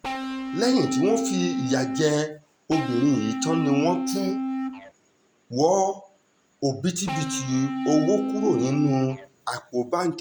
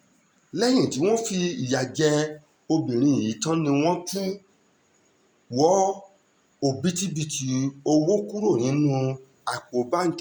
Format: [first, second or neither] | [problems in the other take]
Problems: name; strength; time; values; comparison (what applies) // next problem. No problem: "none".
second | background sound (Electric guitar / Bass guitar); 3 dB below the speech